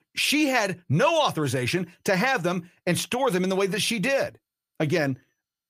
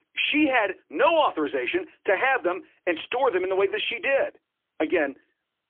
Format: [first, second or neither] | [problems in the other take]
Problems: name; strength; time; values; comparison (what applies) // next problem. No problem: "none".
first | phone-call audio; poor line; nothing above 3.5 kHz